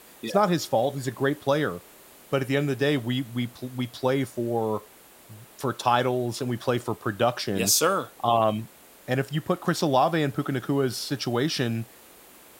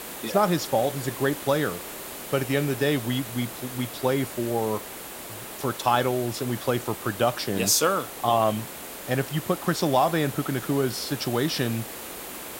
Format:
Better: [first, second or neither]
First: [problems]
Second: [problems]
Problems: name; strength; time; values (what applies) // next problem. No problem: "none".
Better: first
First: hiss; faint; throughout; 25 dB below the speech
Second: hiss; loud; throughout; 10 dB below the speech